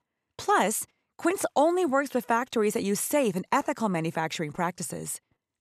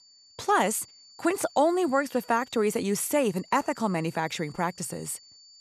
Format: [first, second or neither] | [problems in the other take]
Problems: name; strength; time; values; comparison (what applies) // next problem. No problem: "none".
first | high-pitched whine; faint; throughout; 4.5 kHz, 25 dB below the speech